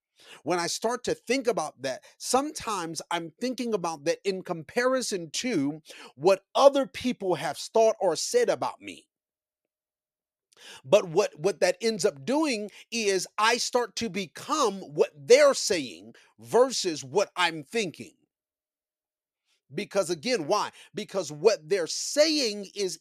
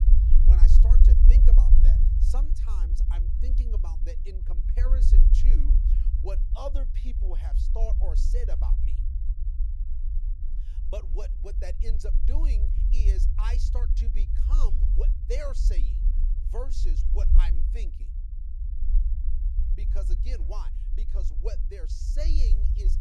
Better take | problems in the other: first | low rumble; loud; throughout; 4 dB below the speech

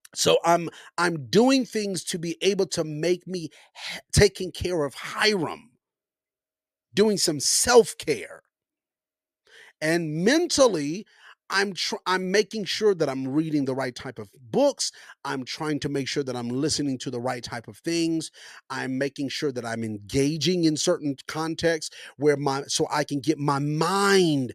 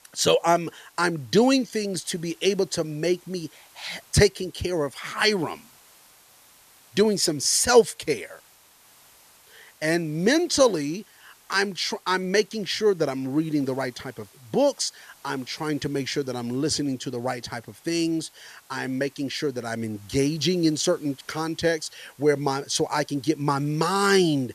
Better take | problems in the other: first | hiss; faint; throughout; 30 dB below the speech

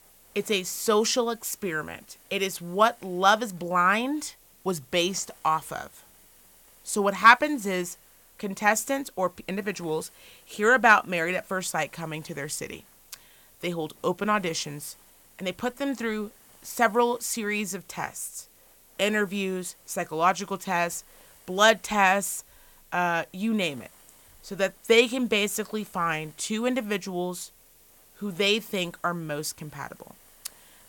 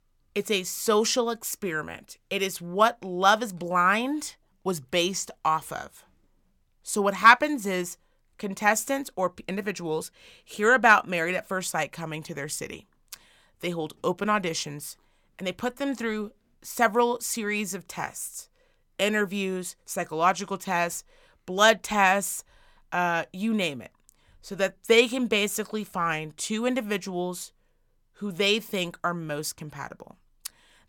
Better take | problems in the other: second | hiss; faint; throughout; 25 dB below the speech

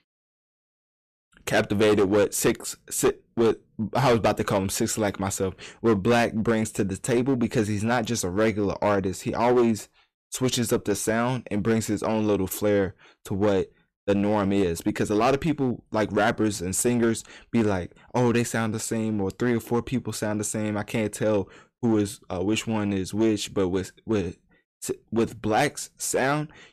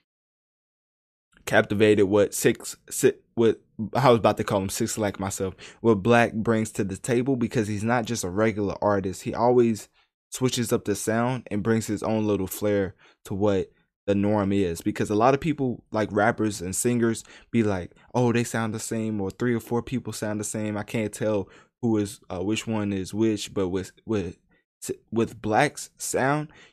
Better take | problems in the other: second | distortion; slight; 7% of the sound clipped

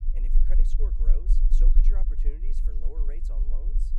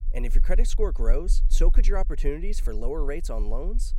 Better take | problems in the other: second | low rumble; loud; throughout; 3 dB below the speech; faint in the second

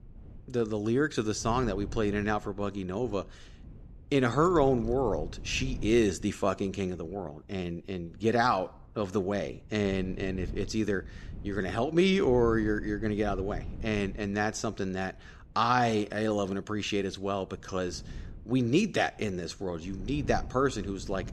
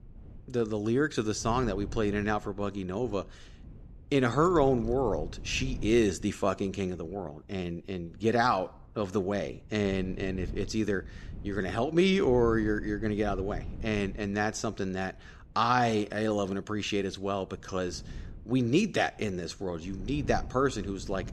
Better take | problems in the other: neither | wind noise on the microphone; occasional gusts; 25 dB below the speech; the same in both

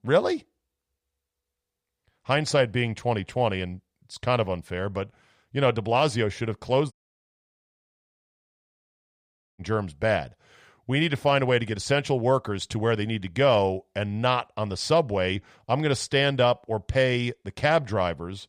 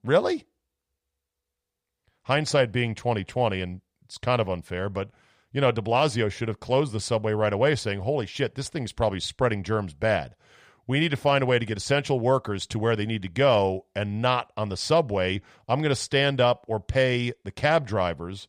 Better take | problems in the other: second | audio cutting out; at 7 s for 2.5 s

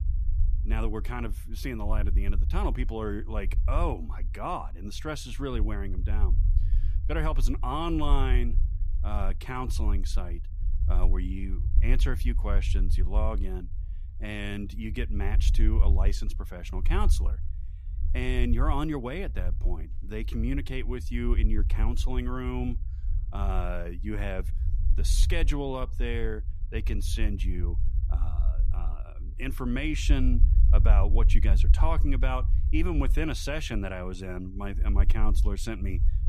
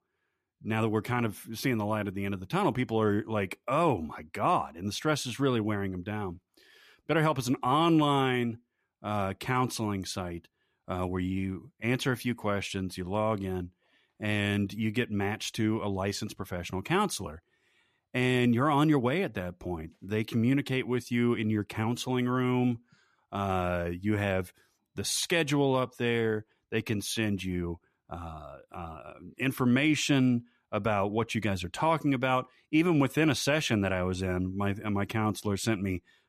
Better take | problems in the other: second | low rumble; noticeable; throughout; 15 dB below the speech

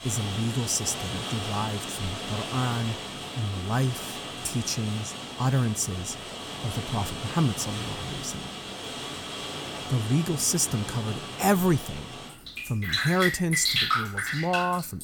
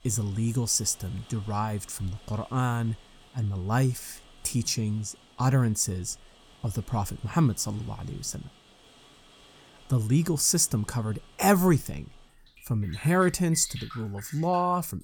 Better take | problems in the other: second | rain or running water; loud; throughout; 4 dB below the speech; faint in the second

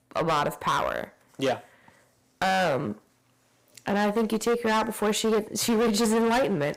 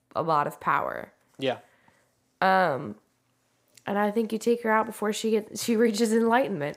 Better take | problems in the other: second | distortion; heavy; 14% of the sound clipped

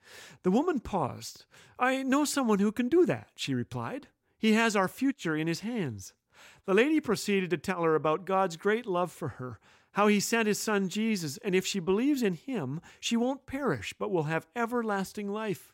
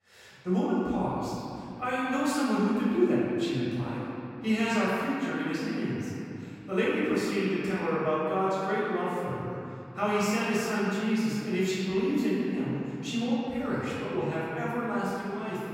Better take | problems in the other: first | off-mic speech; far // room echo; strong; dies away in 2.7 s

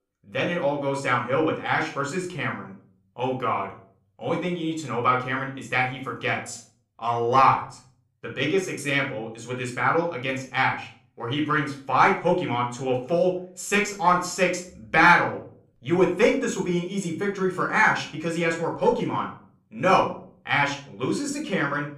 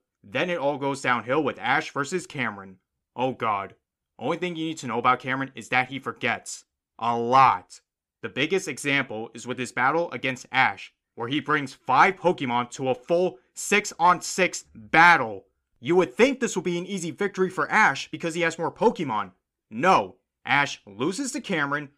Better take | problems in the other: second | room echo; slight; dies away in 0.4 s // off-mic speech; somewhat distant

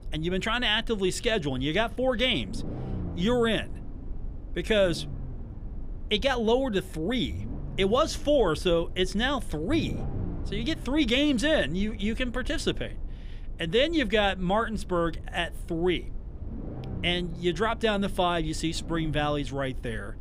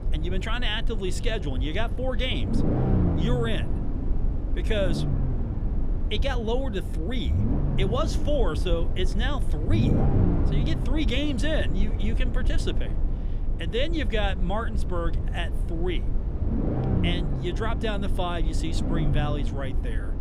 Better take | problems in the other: first | low rumble; loud; throughout; 6 dB below the speech; faint in the first

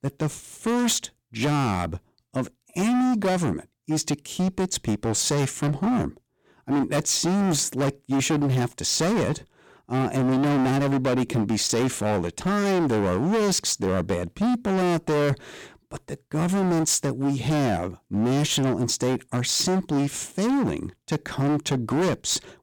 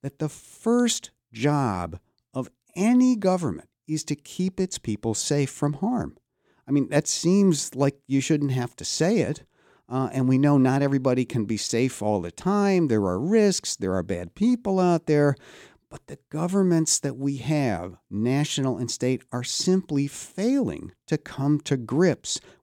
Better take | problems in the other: second | distortion; heavy; 23% of the sound clipped

